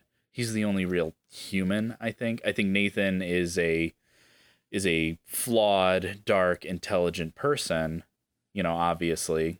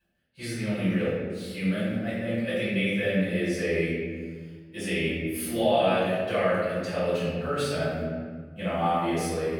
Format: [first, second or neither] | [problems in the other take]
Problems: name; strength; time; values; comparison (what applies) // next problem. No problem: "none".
first | off-mic speech; far // room echo; strong; dies away in 1.7 s